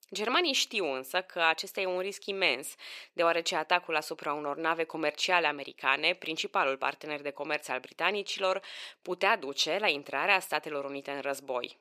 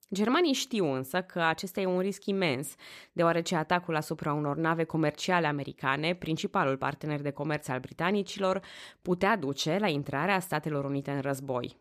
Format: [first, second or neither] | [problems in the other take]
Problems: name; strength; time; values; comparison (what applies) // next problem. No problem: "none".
second | thin; somewhat; fading below 500 Hz